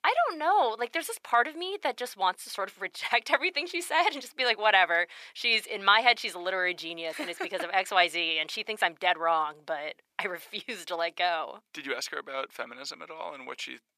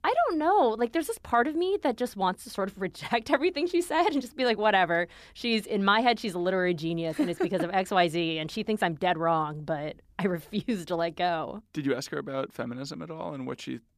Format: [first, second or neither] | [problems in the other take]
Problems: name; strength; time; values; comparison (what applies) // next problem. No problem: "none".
second | thin; very; fading below 700 Hz